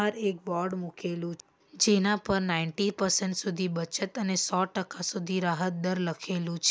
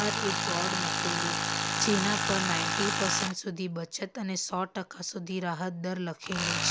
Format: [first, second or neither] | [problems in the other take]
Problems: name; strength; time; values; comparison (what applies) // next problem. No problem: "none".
first | background sound (Tools); 1 dB above the speech